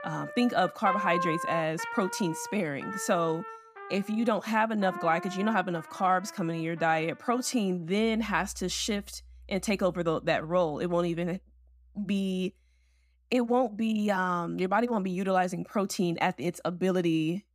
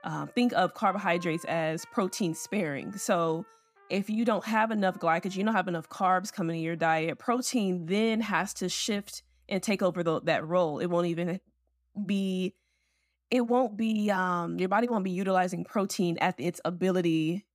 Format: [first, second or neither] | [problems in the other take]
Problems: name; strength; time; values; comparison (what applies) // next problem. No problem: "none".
second | background music; loud; throughout; 9 dB below the speech; faint in the second